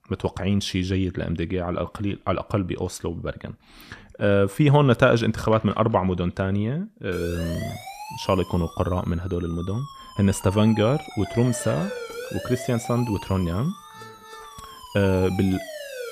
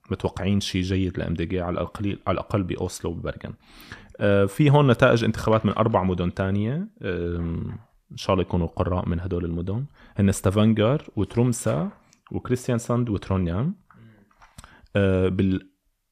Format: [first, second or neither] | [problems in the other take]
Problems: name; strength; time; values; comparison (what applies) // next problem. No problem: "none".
second | siren; noticeable; from 7 s on; peak 9 dB below the speech